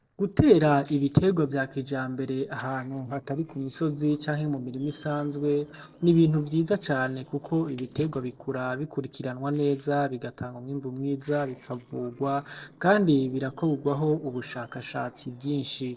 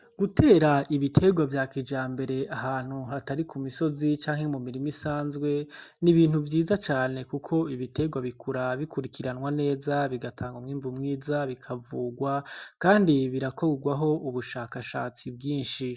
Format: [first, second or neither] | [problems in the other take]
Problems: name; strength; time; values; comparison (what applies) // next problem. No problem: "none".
second | noise reduction (neural separator model SepFormer DNS4)